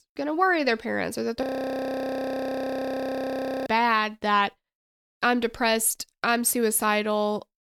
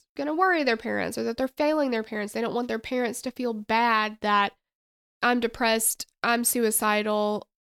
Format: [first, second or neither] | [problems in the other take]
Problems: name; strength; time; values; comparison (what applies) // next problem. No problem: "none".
second | audio freezing; at 1.5 s for 2 s